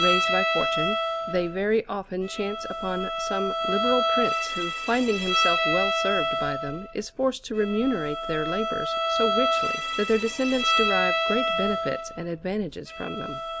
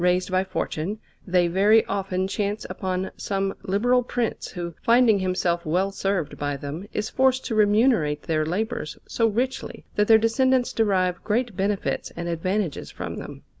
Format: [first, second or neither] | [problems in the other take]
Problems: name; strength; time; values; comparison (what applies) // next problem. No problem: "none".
second | background sound (Bowed string instrument); 1 dB above the speech